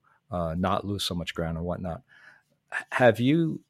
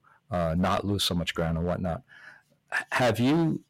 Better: first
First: none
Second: distortion; heavy; 9% of the sound clipped

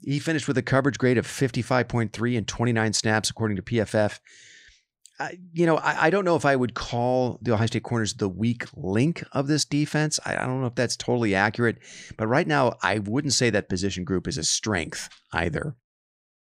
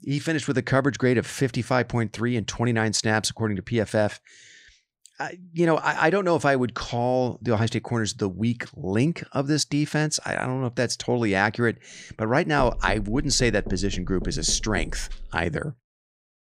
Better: first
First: none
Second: door banging; noticeable; from 13 to 15 s; peak 9 dB below the speech

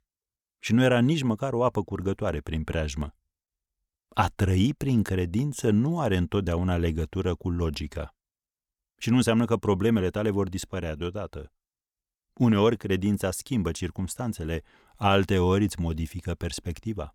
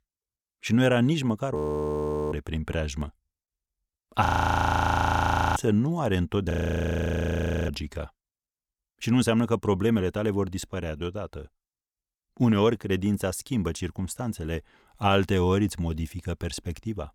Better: first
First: none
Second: audio freezing; at 1.5 s for 1 s, at 4.5 s for 1.5 s and at 6.5 s for 1 s

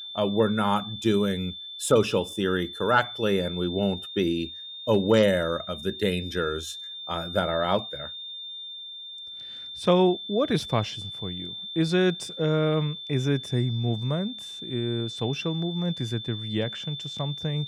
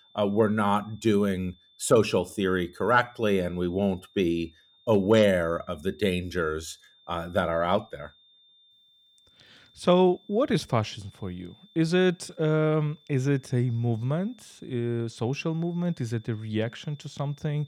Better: second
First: high-pitched whine; loud; throughout; 3.5 kHz, 9 dB below the speech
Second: high-pitched whine; faint; throughout; 3.5 kHz, 30 dB below the speech

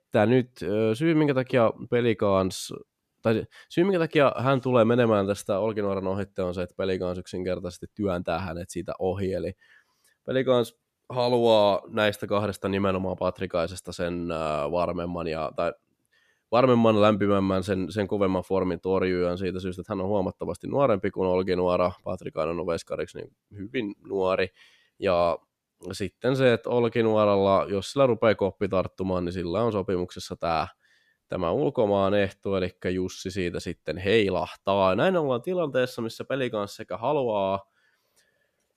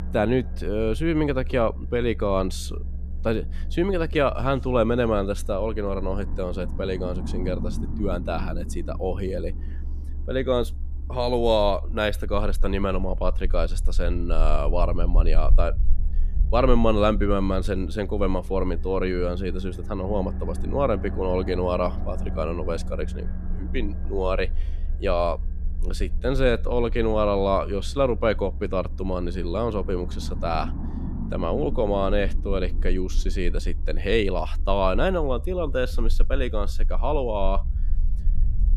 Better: first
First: none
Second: low rumble; faint; throughout; 20 dB below the speech

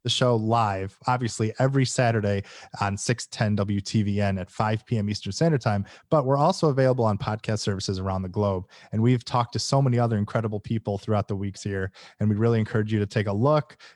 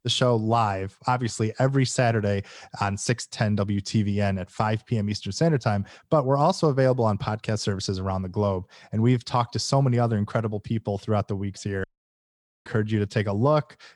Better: first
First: none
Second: audio cutting out; at 12 s for 1 s

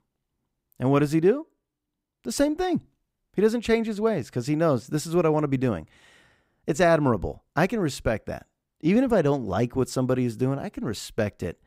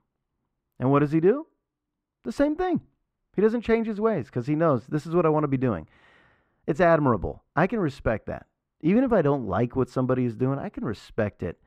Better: first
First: none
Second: muffled; slightly; fading above 4 kHz

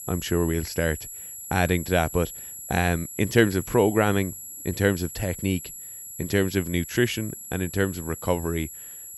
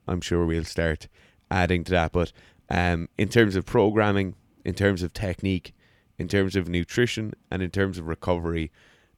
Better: second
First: high-pitched whine; noticeable; throughout; 11.5 kHz, 10 dB below the speech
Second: none

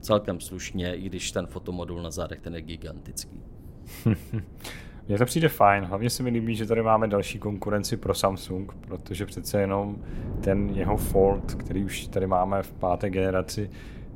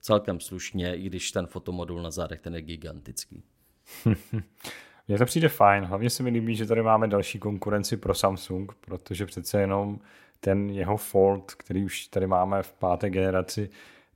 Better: second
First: wind noise on the microphone; occasional gusts; 20 dB below the speech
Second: none

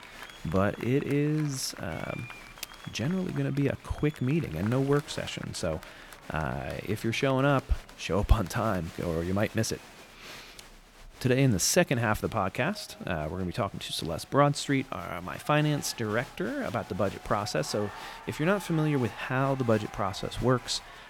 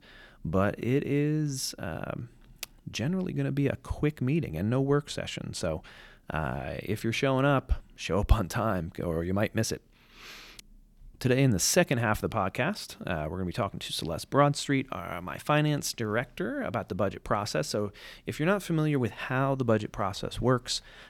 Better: second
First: crowd noise; noticeable; throughout; 15 dB below the speech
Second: none

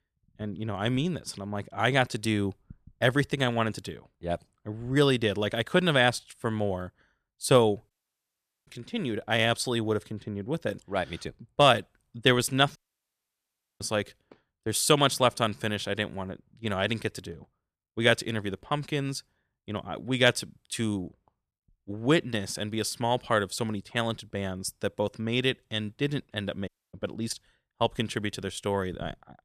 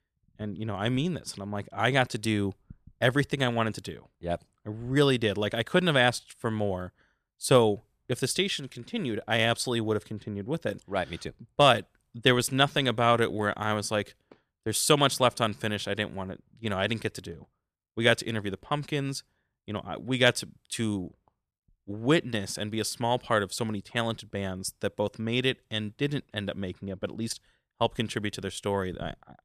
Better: second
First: audio cutting out; at 8 s for 1 s, at 13 s for 1 s and at 27 s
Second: none

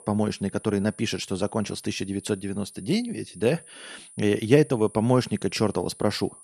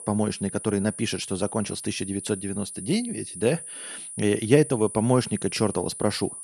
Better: first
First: high-pitched whine; faint; throughout; 10 kHz, 20 dB below the speech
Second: high-pitched whine; loud; throughout; 10 kHz, 10 dB below the speech

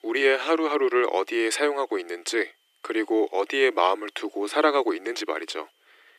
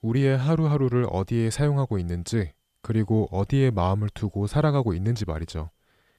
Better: second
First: thin; very; fading below 300 Hz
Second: none

